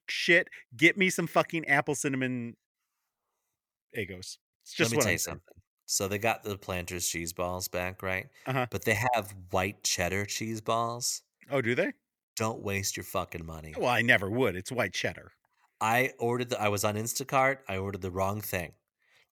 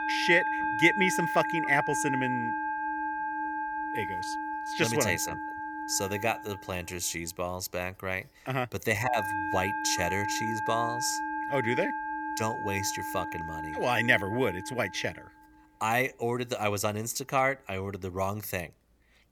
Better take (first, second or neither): first